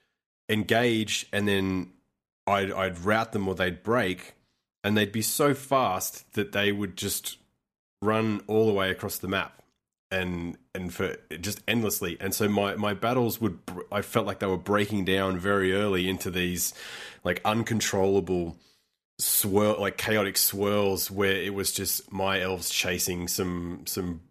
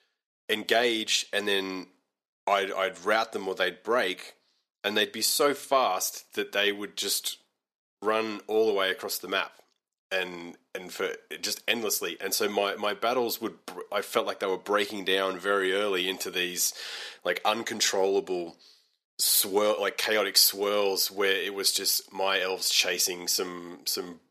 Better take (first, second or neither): first